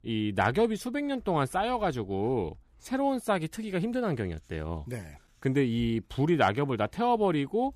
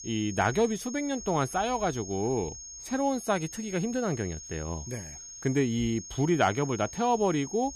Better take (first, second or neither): first